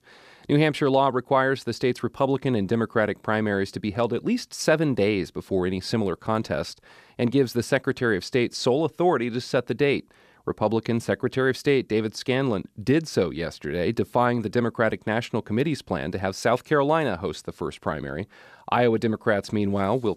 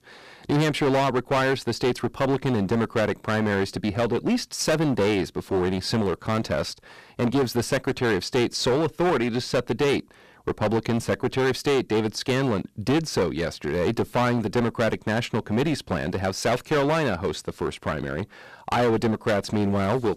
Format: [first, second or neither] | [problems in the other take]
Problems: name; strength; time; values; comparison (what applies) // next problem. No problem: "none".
first | distortion; heavy; 14% of the sound clipped